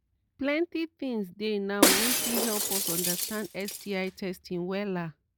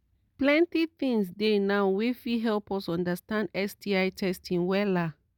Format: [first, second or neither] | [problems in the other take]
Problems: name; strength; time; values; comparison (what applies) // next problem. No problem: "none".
second | background sound (Shatter); 4 dB above the speech